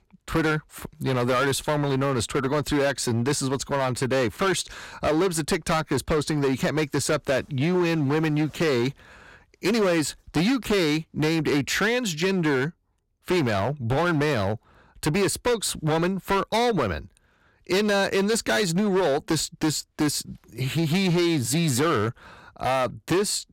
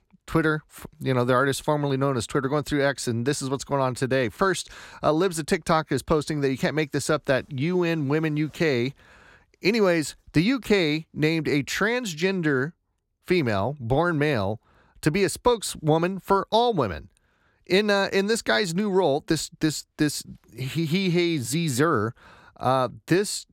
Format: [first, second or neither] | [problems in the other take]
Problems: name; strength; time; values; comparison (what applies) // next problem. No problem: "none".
second | distortion; heavy; 15% of the sound clipped